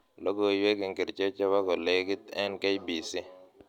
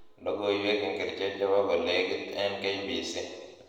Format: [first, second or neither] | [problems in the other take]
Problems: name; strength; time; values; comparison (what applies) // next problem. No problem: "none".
first | room echo; dies away in 1.1 s